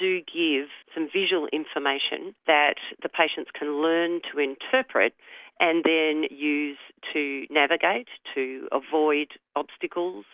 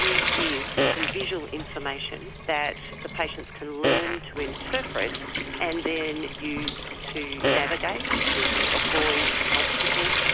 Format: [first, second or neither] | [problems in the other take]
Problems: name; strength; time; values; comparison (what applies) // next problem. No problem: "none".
first | background sound (Trickle, dribble / Sink (filling or washing) / Water tap, faucet + Fart); 4 dB above the speech